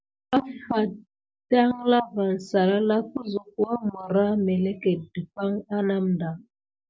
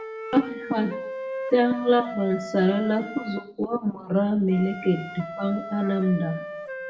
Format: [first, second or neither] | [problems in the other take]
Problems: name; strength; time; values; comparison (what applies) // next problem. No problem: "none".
first | background sound (Wind instrument, woodwind instrument); 11 dB below the speech // room echo; dies away in 0.6 s